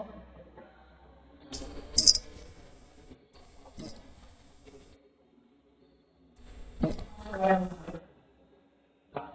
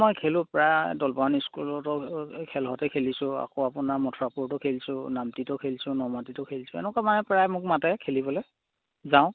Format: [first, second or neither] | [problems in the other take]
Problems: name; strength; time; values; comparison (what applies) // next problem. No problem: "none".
second | noise reduction (neural mask model DeepFilterNet 3)